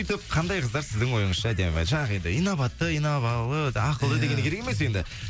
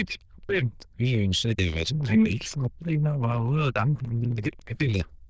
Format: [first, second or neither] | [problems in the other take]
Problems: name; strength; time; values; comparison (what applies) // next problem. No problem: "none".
first | noise reduction (neural diffusion model UNIVERSE++)